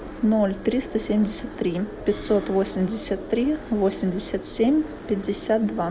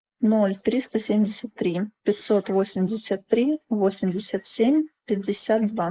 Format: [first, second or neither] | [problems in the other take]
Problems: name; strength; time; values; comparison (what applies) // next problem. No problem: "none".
first | noise reduction (neural mask model Resemble Enhance denoiser)